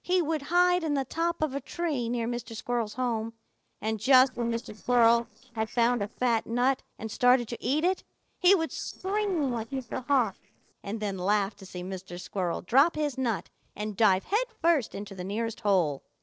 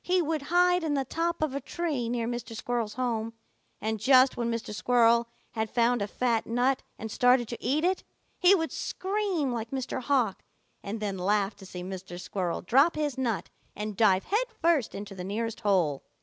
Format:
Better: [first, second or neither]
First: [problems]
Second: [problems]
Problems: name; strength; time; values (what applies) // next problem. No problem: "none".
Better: second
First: noise reduction (neural separator model SepFormer DNS4)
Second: none